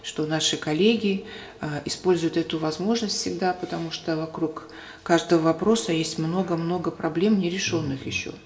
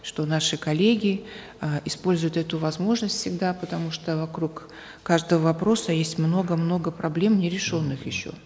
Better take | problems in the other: second | room echo; dies away in 0.3 s

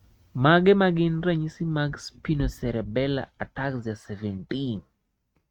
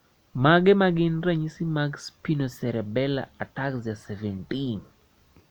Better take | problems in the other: second | noise reduction (neural mask model RNNoise)

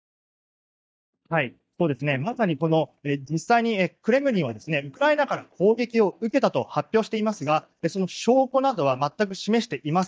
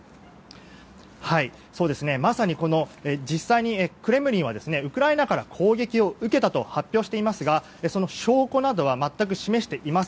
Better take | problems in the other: second | noise reduction (neural mask model DeepFilterNet 3)

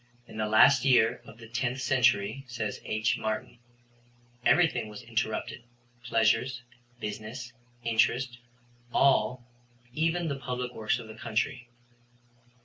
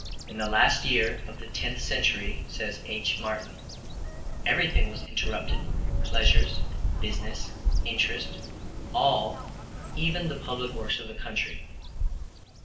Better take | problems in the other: first | background sound (Bird vocalization, bird call, bird song); 2 dB above the speech // room echo; dies away in 0.7 s

